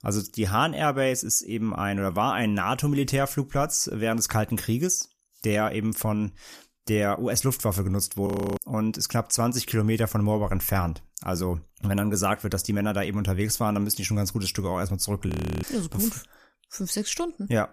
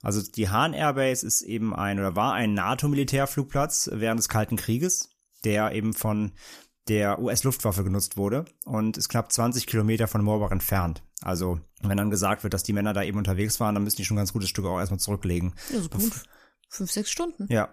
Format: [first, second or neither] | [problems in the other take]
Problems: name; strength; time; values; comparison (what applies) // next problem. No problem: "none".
second | audio freezing; at 8.5 s and at 15 s